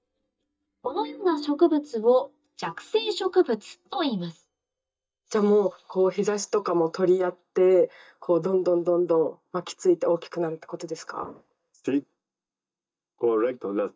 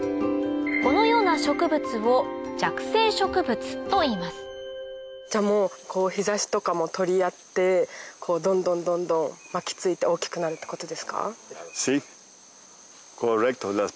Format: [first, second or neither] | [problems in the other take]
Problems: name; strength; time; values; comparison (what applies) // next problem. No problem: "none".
second | noise reduction (neural mask model DeepFilterNet 3)